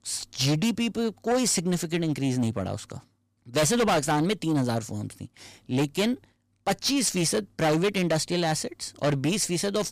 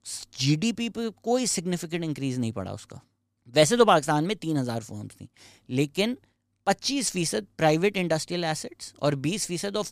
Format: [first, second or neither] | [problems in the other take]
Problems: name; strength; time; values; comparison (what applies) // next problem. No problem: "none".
second | distortion; heavy; 6 dB below the speech